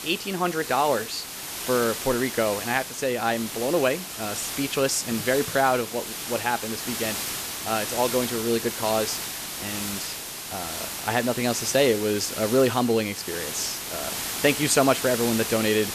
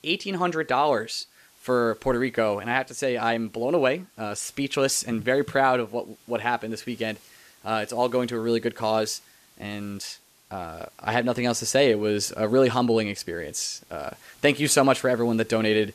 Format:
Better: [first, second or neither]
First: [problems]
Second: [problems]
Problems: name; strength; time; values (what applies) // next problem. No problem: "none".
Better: second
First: hiss; loud; throughout; 5 dB below the speech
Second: hiss; faint; throughout; 30 dB below the speech